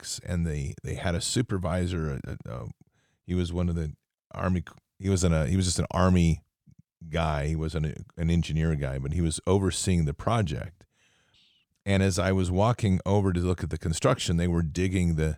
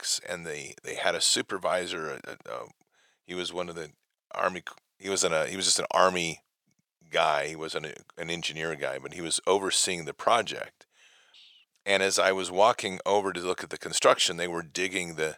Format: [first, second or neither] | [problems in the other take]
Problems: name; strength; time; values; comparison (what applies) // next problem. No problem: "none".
first | thin; very; fading below 600 Hz